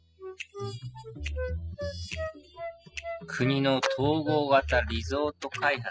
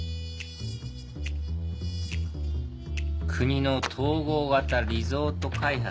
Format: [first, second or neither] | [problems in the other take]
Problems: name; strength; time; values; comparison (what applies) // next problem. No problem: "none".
second | noise reduction (classical method spectral subtraction)